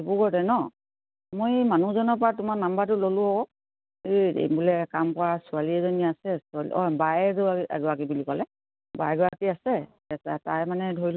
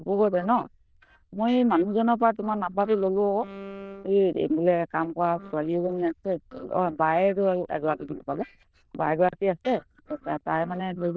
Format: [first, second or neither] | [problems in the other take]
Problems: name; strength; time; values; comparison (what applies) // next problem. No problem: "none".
first | noise reduction (neural diffusion model UNIVERSE++)